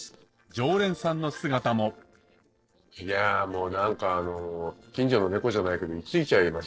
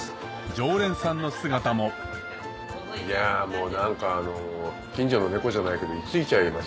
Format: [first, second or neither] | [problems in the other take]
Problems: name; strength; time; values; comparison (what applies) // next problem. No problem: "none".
second | noise reduction (neural separator model SepFormer DNS4)